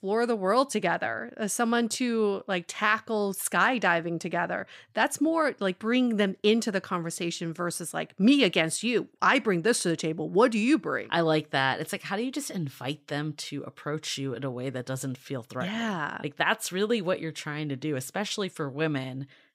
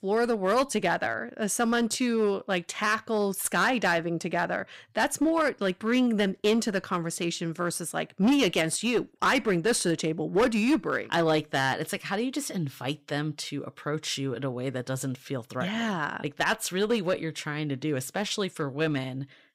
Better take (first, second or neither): first